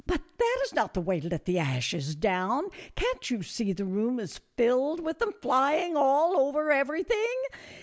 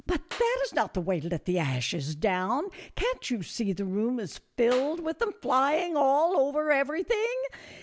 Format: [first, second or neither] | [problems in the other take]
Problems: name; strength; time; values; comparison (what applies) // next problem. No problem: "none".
first | background sound (Clapping); 20 dB below the speech